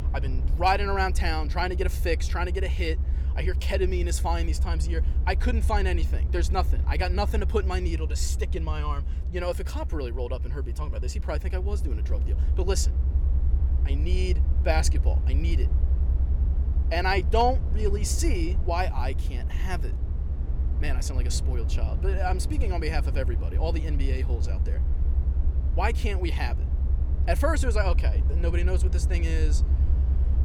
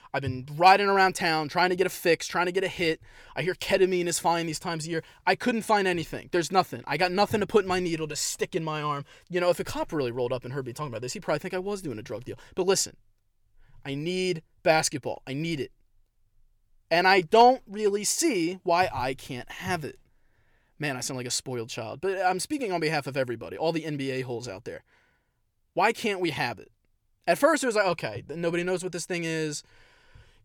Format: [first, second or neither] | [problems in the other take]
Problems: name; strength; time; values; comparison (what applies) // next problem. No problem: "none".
second | low rumble; noticeable; throughout; 15 dB below the speech